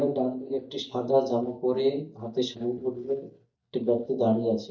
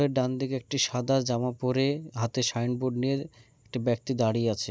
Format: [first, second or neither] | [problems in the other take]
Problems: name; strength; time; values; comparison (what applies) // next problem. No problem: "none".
second | noise reduction (neural mask model DeepFilterNet 3)